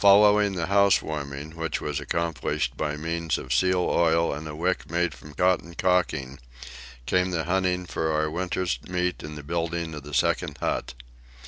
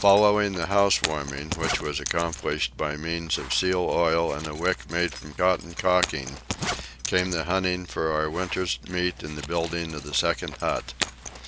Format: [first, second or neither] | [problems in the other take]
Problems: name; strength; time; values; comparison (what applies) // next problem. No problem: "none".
first | background sound (Zipper (clothing)); 11 dB below the speech